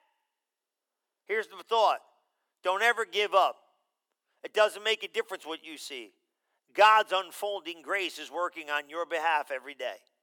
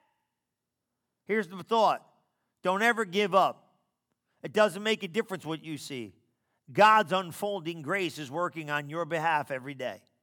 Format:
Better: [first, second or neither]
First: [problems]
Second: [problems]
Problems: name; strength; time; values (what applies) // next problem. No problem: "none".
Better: second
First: thin; very; fading below 400 Hz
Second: none